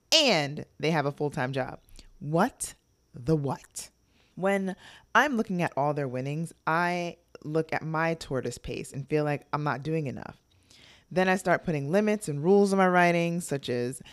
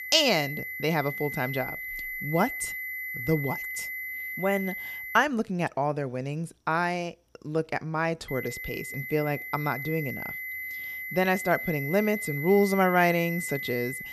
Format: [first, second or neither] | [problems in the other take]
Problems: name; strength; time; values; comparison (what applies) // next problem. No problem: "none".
first | high-pitched whine; loud; until 5 s and from 8.5 s on; 2 kHz, 6 dB below the speech